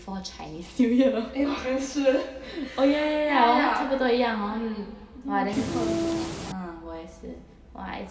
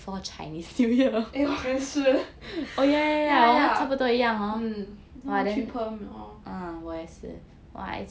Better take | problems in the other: second | background sound (Train); 3 dB below the speech // room echo; dies away in 2.1 s

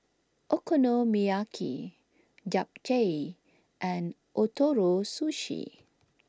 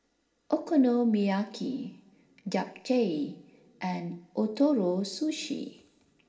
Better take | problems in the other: first | room echo; dies away in 1.7 s

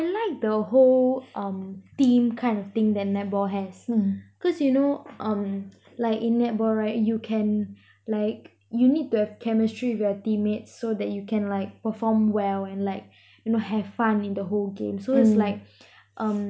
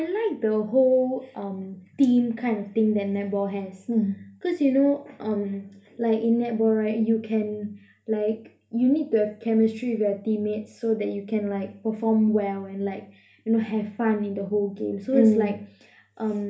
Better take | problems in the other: first | room echo; dies away in 0.3 s

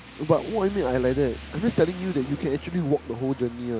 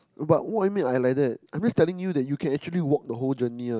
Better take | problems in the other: second | background sound (Rain); 15 dB below the speech

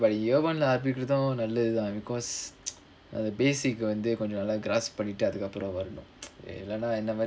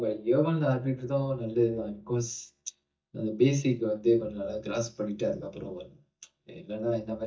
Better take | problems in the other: first | noise reduction (neural mask model DeepFilterNet 3)

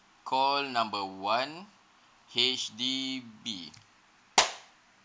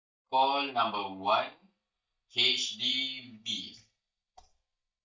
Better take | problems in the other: first | noise reduction (neural mask model DeepFilterNet 3)

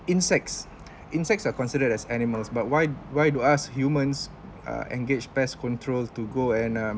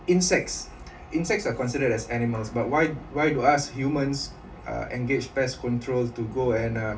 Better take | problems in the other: first | room echo; dies away in 0.2 s

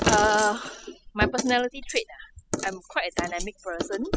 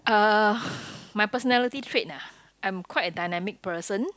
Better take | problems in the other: second | noise reduction (classical method spectral subtraction)

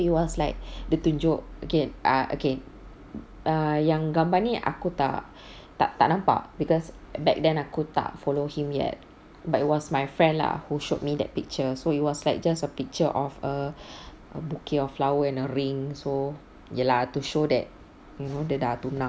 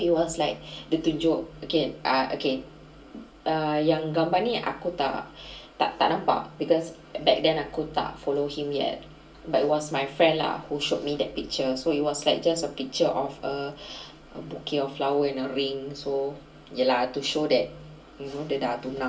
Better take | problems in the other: first | room echo; dies away in 0.2 s

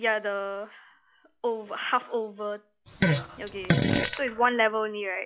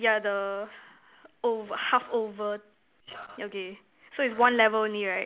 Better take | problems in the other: second | noise reduction (classical method log-MMSE)

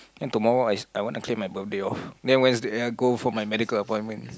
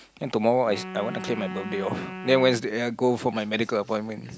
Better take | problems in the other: first | background sound (Wind instrument, woodwind instrument); 13 dB below the speech

